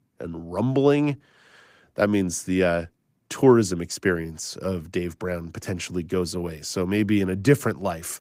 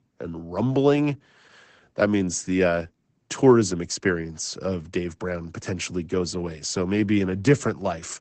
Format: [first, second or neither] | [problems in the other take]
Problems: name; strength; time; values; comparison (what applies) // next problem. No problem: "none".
first | garbled, watery; badly; nothing above 8 kHz; slightly in the first